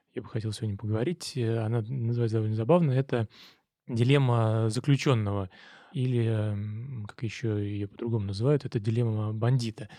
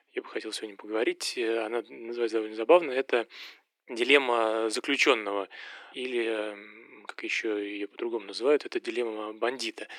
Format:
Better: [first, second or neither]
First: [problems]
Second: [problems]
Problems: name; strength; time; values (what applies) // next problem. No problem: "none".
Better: first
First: none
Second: thin; very; fading below 300 Hz